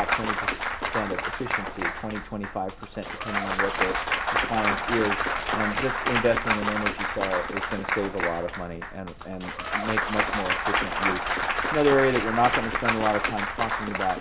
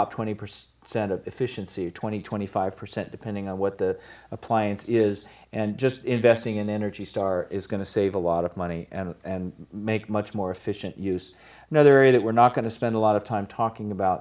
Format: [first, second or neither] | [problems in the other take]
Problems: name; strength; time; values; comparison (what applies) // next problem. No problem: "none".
second | background sound (Applause / Cheering / Clapping); 1 dB above the speech // room echo; dies away in 0.2 s